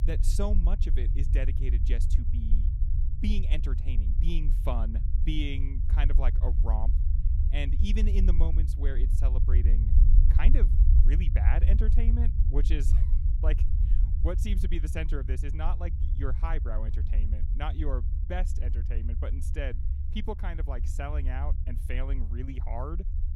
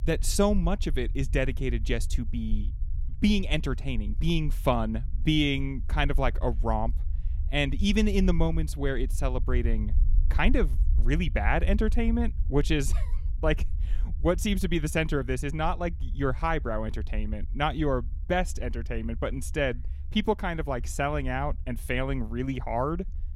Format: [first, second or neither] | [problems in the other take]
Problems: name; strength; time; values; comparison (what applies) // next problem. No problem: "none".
second | low rumble; loud; throughout; 7 dB below the speech; faint in the second